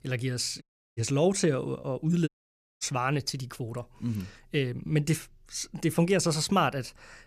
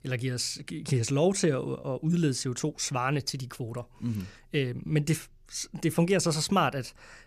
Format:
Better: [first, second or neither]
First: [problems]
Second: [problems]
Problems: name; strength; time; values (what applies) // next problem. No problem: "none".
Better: second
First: audio cutting out; at 0.5 s and at 2.5 s for 0.5 s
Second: none